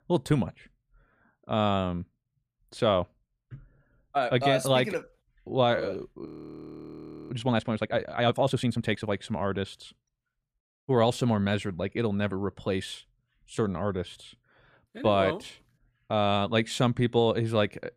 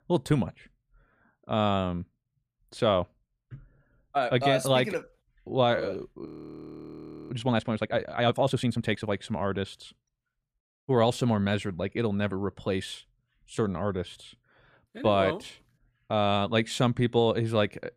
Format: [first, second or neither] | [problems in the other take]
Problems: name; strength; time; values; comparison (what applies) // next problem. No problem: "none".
neither | audio freezing; at 6.5 s for 1 s; the same in both